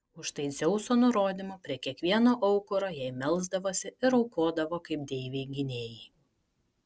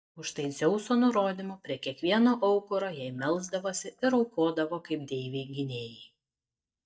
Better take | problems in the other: first | noise reduction (neural mask model DeepFilterNet 3)

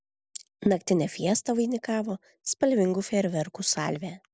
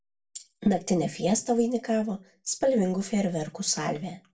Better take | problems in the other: first | room echo; dies away in 0.2 s

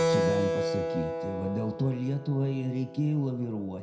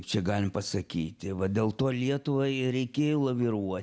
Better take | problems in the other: second | background sound (Keyboard (musical)); 1 dB below the speech // room echo; dies away in 0.4 s

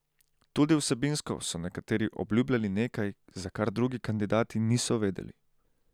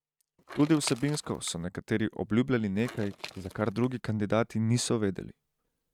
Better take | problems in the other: first | noise reduction (neural mask model RNNoise)

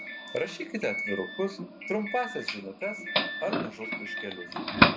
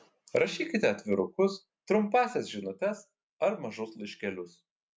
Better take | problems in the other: second | background sound (Doorbell); 4 dB above the speech

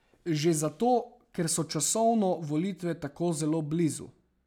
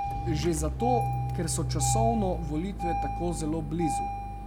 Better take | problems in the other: first | background sound (Engine starting); 1 dB above the speech

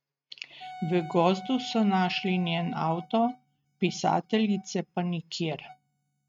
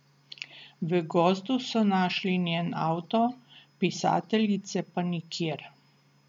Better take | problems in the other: second | noise reduction (neural mask model RNNoise)

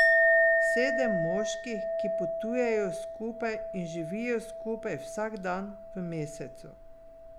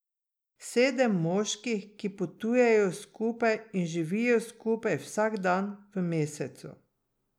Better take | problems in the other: second | background sound (Chink, clink); 5 dB above the speech

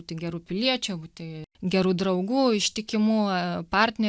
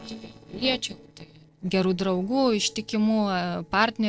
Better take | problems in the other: first | noise reduction (neural separator model SepFormer DNS4)

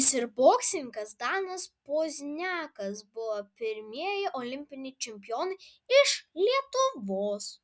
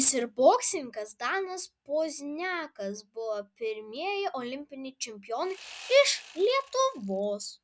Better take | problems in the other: first | background sound (Sawing); 18 dB below the speech

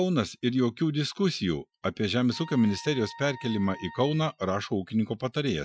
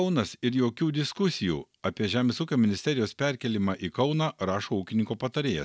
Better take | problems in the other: second | noise reduction (classical method Wiener filter)

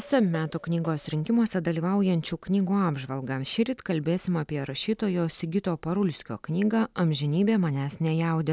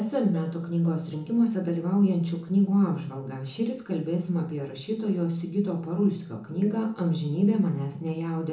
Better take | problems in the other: first | room echo; dies away in 0.7 s

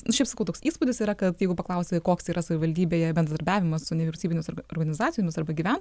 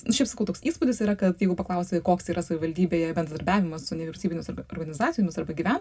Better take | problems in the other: first | room echo; dies away in 0.2 s

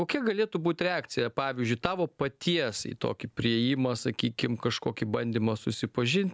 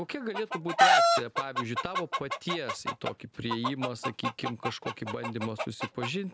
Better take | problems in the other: first | background sound (Chicken, rooster); 5 dB above the speech

